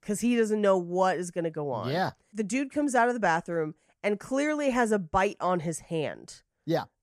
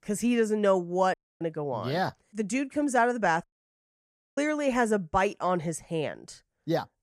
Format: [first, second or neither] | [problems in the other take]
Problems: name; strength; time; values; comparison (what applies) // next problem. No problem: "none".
first | audio cutting out; at 1 s and at 3.5 s for 1 s